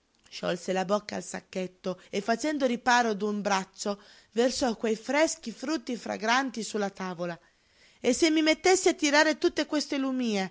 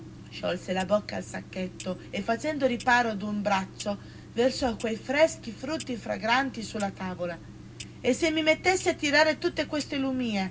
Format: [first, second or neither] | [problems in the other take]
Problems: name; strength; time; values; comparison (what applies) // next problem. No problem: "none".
first | background sound (Clock); 16 dB below the speech // room echo; dies away in 0.4 s